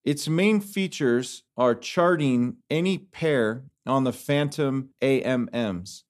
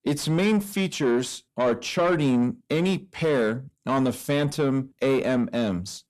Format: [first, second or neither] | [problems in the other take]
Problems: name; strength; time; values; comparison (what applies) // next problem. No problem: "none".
first | distortion; slight; 10 dB below the speech